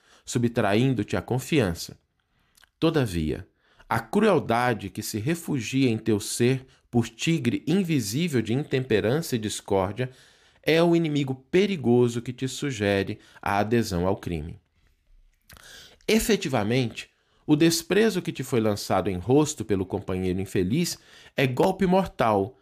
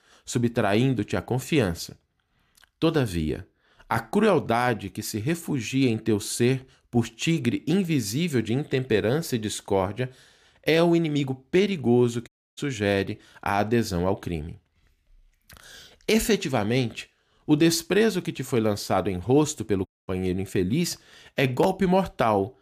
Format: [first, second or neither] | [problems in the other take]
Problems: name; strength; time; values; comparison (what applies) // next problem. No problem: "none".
first | audio cutting out; at 12 s and at 20 s